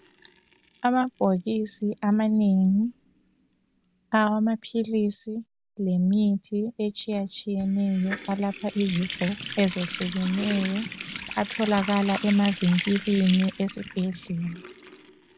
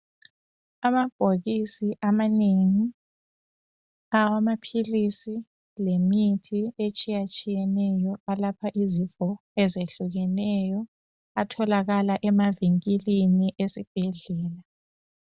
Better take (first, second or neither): second